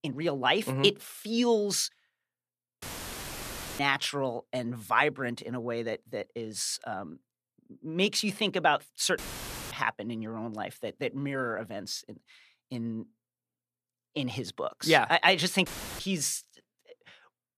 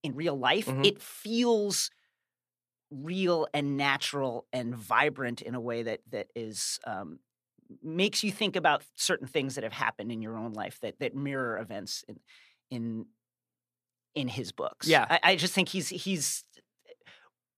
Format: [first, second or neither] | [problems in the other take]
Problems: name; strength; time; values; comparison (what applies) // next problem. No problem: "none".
second | audio cutting out; filled with static; at 3 s for 1 s, at 9 s for 0.5 s and at 16 s